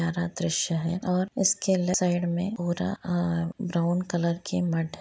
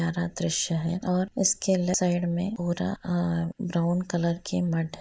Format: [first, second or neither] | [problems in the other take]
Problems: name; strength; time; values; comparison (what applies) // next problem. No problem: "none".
first | noise reduction (neural mask model Resemble Enhance denoiser)